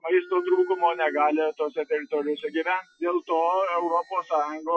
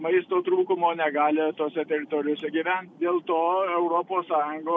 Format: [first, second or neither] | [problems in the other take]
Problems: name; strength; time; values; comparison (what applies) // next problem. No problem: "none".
second | noise reduction (classical method Wiener filter)